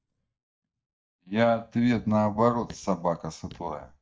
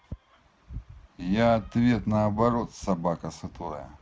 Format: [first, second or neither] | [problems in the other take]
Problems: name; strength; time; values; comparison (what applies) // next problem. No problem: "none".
second | noise reduction (neural mask model DeepFilterNet 3)